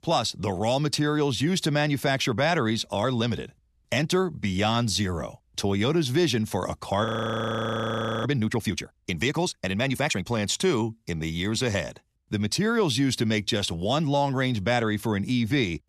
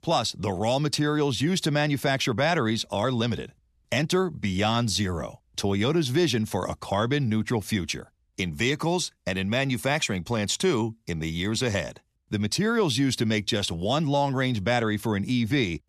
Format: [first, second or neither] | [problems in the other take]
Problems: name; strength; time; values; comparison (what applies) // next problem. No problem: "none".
second | audio freezing; at 7 s for 1 s